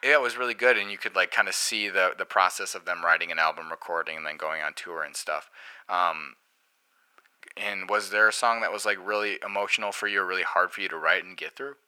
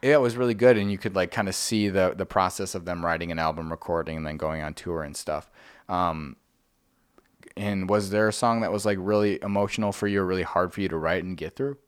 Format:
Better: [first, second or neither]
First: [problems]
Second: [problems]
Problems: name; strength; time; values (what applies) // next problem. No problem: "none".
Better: second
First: thin; very; fading below 700 Hz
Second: none